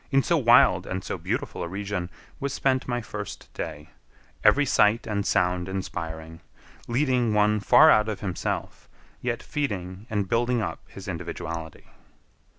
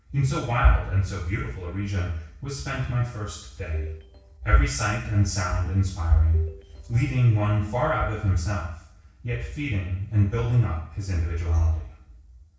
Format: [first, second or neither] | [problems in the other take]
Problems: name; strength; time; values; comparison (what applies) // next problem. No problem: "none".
first | noise reduction (neural separator model SepFormer DNS4)